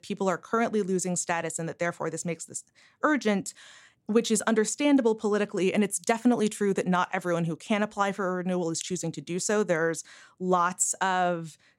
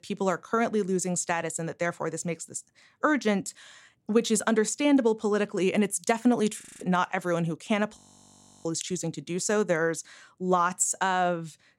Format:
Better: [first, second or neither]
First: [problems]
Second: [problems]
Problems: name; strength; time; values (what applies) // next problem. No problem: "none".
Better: first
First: none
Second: audio freezing; at 6.5 s and at 8 s for 0.5 s